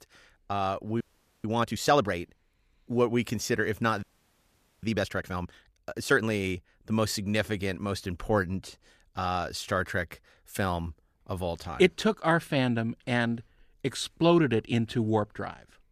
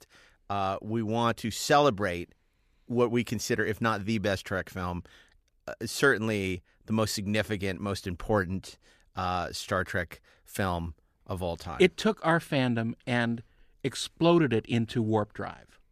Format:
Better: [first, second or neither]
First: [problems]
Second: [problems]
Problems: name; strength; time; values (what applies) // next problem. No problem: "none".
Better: second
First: audio freezing; at 1 s and at 4 s for 1 s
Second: none